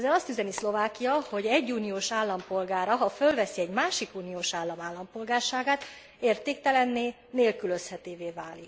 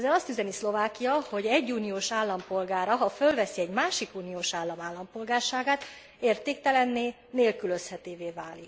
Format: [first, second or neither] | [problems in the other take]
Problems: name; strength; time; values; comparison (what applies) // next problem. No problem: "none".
second | background sound (Telephone); 15 dB below the speech